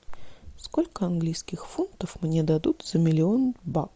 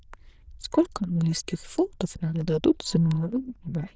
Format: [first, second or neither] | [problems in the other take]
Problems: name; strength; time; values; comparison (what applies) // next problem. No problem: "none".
first | noise reduction (neural diffusion model UNIVERSE++)